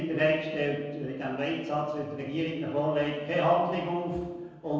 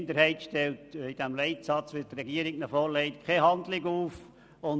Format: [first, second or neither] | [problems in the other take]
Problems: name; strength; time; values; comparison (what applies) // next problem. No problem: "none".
second | room echo; dies away in 1.2 s